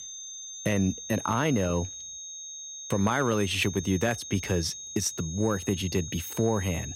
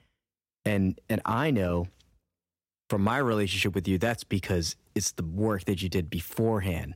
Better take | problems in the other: second | high-pitched whine; loud; throughout; 6.5 kHz, 9 dB below the speech

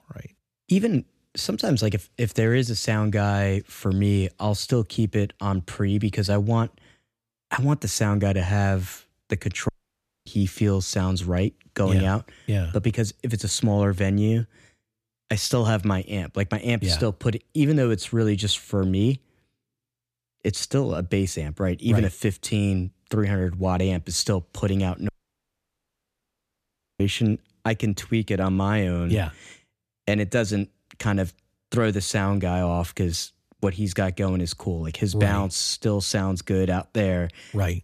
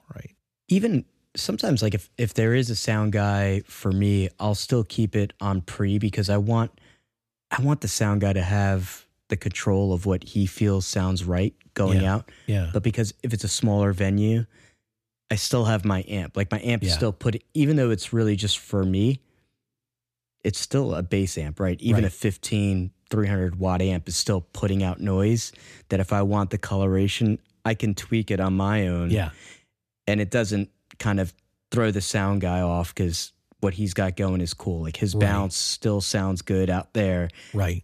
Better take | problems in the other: second | audio cutting out; at 9.5 s for 0.5 s and at 25 s for 2 s

